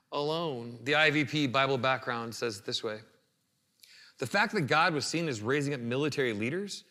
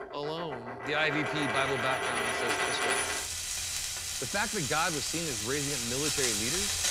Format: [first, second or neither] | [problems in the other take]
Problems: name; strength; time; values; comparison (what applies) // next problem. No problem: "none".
first | household noises; very loud; throughout; 3 dB above the speech